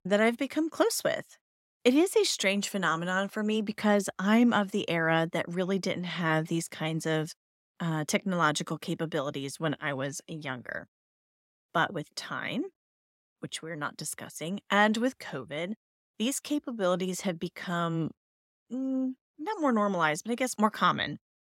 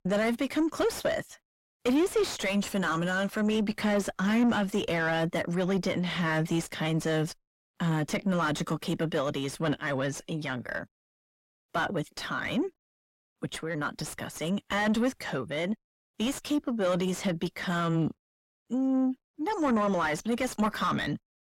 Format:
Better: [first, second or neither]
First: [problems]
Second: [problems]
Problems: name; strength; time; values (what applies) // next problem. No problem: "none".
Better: first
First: none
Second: distortion; heavy; 6 dB below the speech